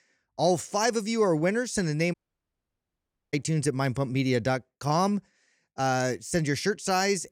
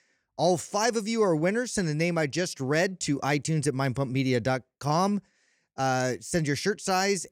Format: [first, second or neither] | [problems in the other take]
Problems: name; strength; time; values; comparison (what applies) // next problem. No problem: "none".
second | audio cutting out; at 2 s for 1 s